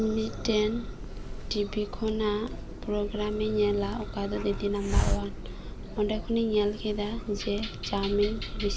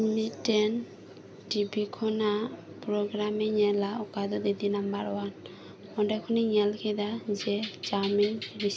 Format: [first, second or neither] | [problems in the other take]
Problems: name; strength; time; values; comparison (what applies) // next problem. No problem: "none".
second | background sound (Church bell + Hiss); 4 dB below the speech